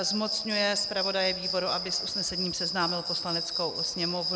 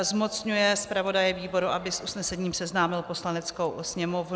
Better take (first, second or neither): second